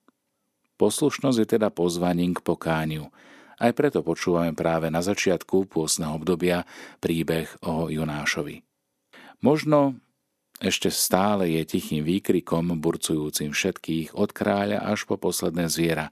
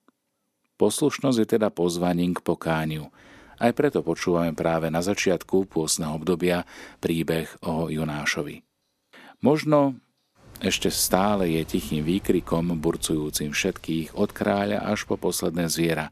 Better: first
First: none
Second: household noises; faint; throughout; 25 dB below the speech

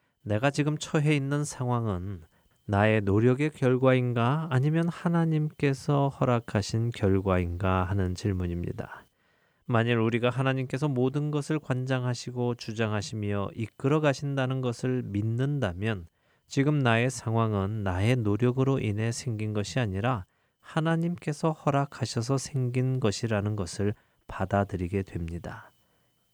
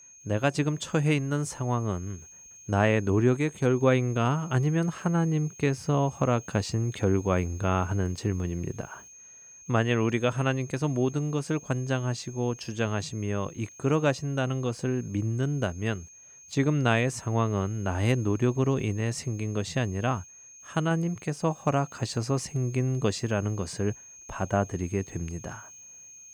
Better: first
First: none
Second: high-pitched whine; noticeable; throughout; 6.5 kHz, 20 dB below the speech

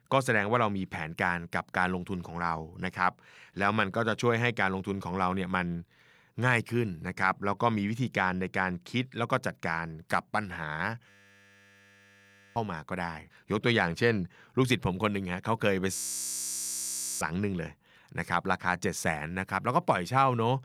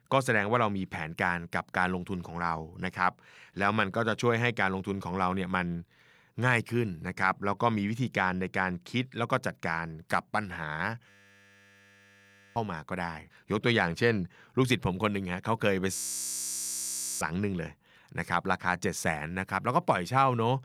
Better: neither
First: audio freezing; at 11 s for 1.5 s and at 16 s for 1.5 s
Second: audio freezing; at 11 s for 1.5 s and at 16 s for 1.5 s

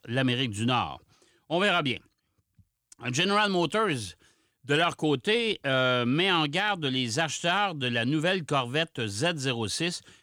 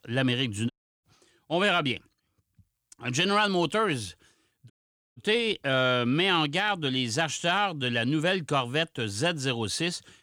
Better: first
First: none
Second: audio cutting out; at 0.5 s and at 4.5 s

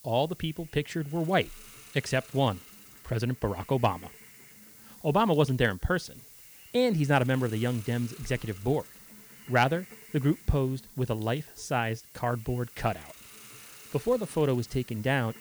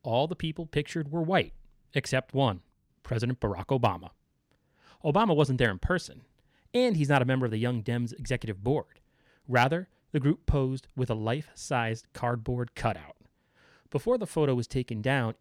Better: second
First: hiss; noticeable; throughout; 20 dB below the speech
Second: none

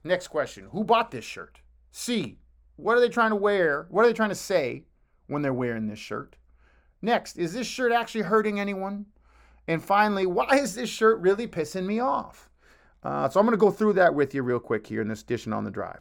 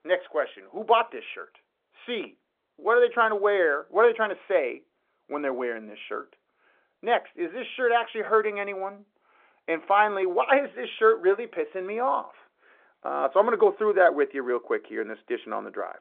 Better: first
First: none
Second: phone-call audio; nothing above 3.5 kHz

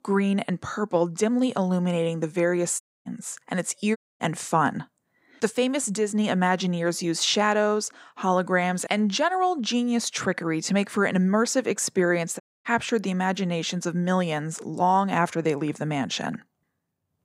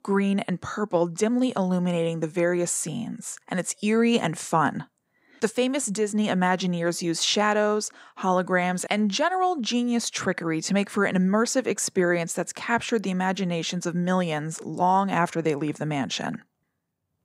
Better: second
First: audio cutting out; at 3 s, at 4 s and at 12 s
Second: none

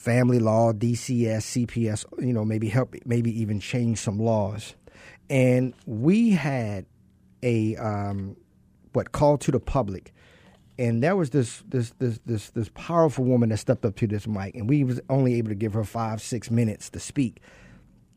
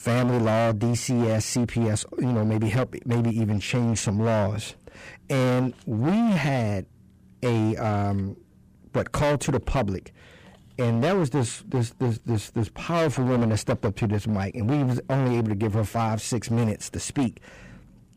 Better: first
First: none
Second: distortion; heavy; 18% of the sound clipped

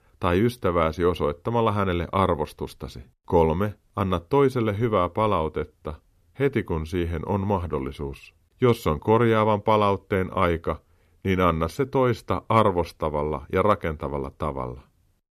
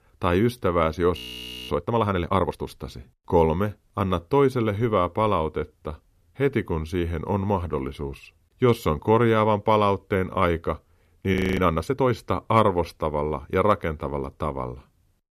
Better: first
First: none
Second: audio freezing; at 1 s for 0.5 s and at 11 s

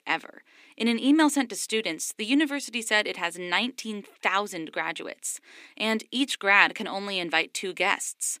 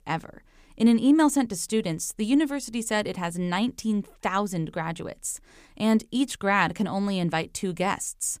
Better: second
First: thin; very slightly; fading below 300 Hz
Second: none

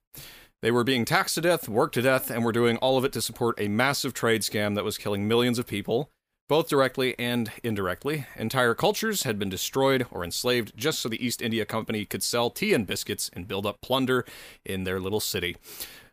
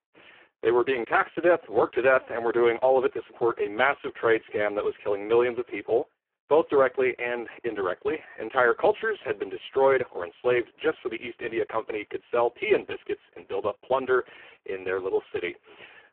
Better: first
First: none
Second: phone-call audio; poor line

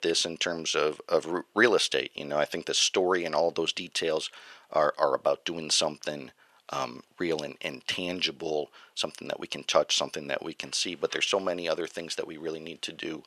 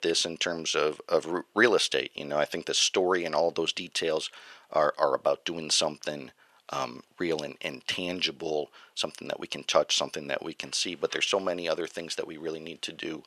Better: neither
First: thin; very; fading below 600 Hz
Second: thin; very; fading below 600 Hz

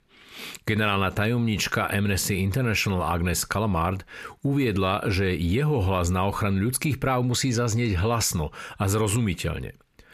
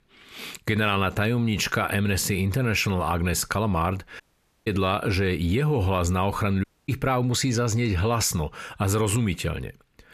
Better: first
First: none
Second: audio cutting out; at 4 s and at 6.5 s

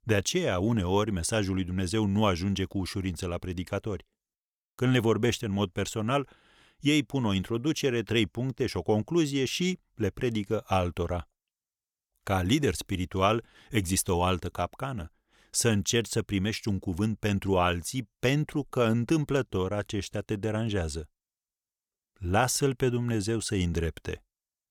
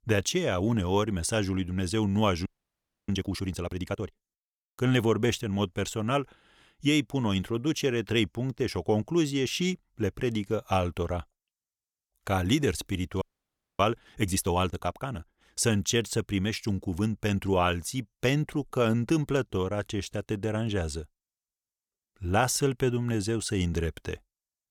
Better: first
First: none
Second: audio freezing; at 2.5 s for 0.5 s and at 13 s for 0.5 s

